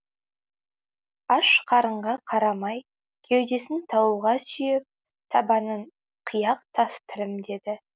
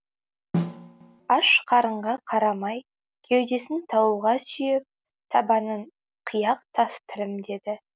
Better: first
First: none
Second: background sound (Snare drum); 6 dB below the speech

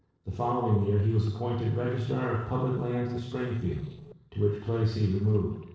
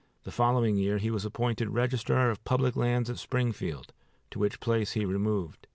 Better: second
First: noise reduction (neural separator model SepFormer DNS4)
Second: none

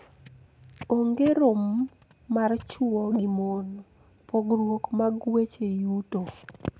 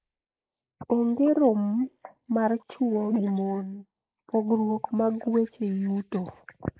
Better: first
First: none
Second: noise reduction (neural mask model Resemble Enhance denoiser)

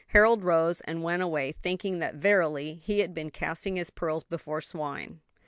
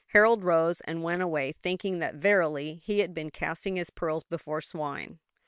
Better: first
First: none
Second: noise reduction (neural separator model SepFormer WHAM!)

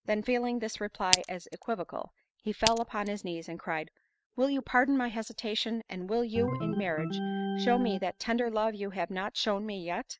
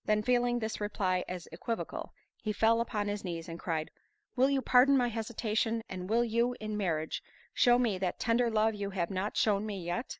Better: second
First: noise reduction (neural mask model RNNoise)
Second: none

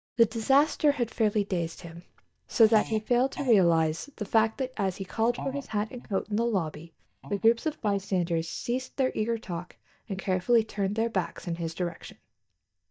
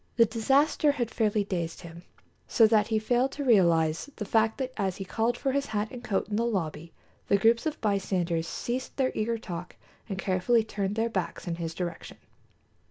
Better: second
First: noise reduction (neural mask model DeepFilterNet 3)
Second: none

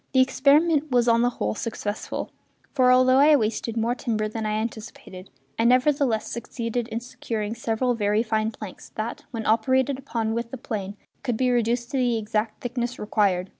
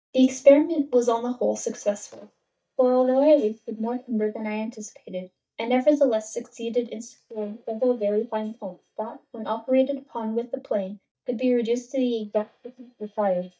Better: first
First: none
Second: noise reduction (neural mask model DeepFilterNet 3)

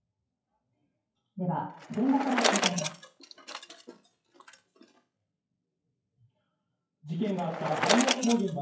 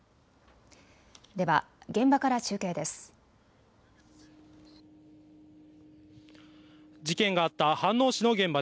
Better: second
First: noise reduction (classical method WPE with log-MMSE)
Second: none

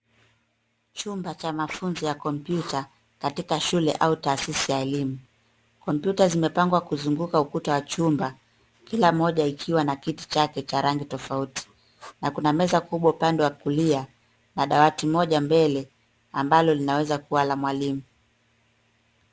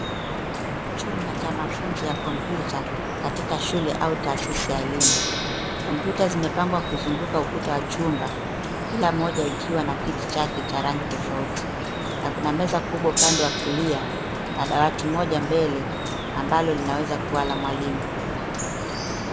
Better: first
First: none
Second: background sound (Gong + Drip); as loud as the speech

